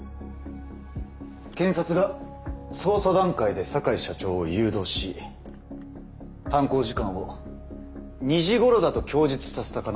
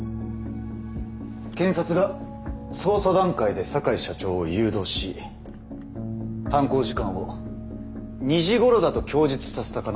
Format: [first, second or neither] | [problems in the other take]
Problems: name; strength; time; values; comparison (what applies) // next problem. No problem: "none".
first | background sound (Bass guitar); 12 dB below the speech